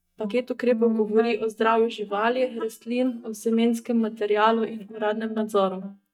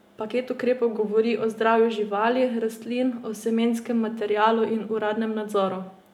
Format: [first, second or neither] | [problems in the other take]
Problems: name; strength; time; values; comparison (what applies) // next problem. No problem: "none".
second | noise reduction (neural mask model DeepFilterNet 3)